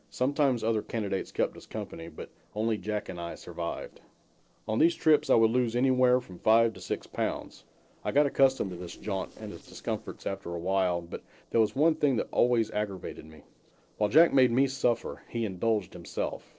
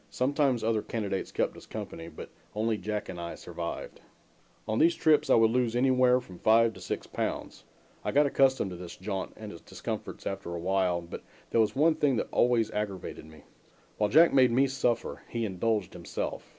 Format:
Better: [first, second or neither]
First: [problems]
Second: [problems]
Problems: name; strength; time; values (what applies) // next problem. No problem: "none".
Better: second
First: noise reduction (neural separator model SepFormer DNS4)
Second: none